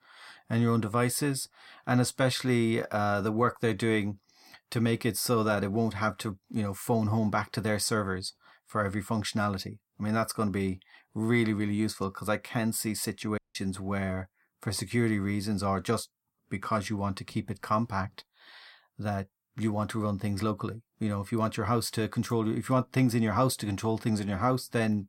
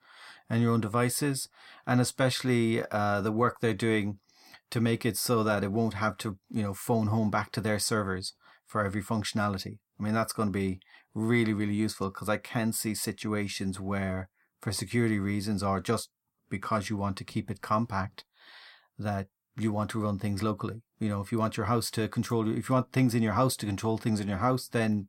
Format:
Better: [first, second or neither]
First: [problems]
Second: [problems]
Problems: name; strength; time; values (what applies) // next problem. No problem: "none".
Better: second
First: audio cutting out; at 13 s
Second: none